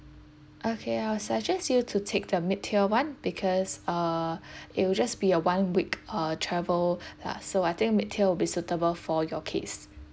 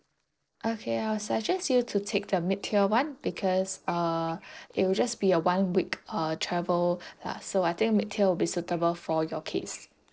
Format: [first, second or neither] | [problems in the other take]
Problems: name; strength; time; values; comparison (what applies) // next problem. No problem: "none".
first | noise reduction (neural separator model SepFormer DNS4)